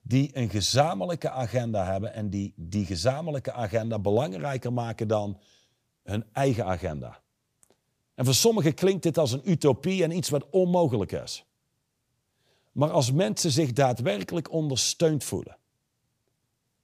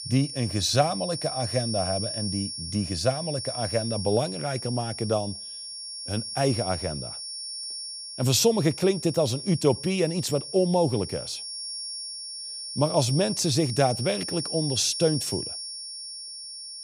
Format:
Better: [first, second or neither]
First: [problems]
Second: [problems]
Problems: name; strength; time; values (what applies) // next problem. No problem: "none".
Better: first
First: none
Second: high-pitched whine; loud; throughout; 5.5 kHz, 7 dB below the speech